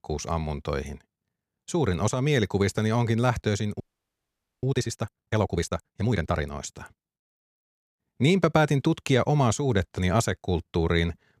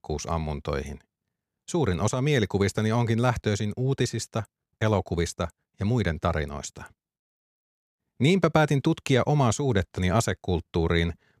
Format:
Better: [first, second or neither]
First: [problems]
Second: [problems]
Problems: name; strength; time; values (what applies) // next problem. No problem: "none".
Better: second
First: audio freezing; at 4 s for 1 s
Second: none